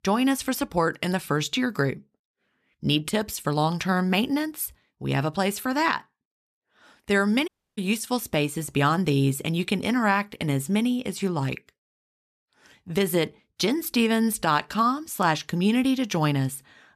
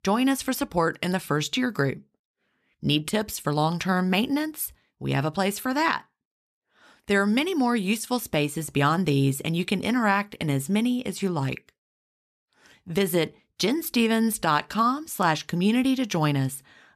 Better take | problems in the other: second | audio cutting out; at 7.5 s

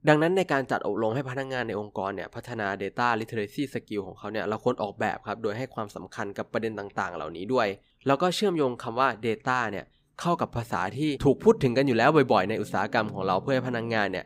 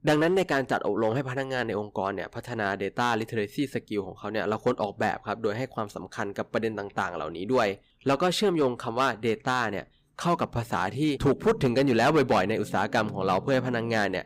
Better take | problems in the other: first | distortion; slight; 4% of the sound clipped

